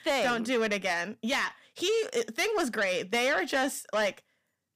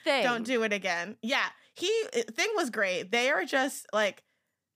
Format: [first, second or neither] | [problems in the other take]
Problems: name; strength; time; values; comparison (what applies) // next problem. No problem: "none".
second | distortion; slight; 10 dB below the speech